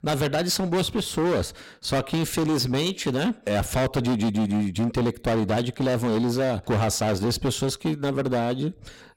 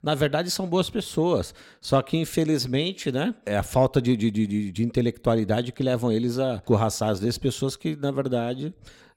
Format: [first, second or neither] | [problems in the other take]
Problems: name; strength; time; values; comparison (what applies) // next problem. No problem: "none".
second | distortion; heavy; 22% of the sound clipped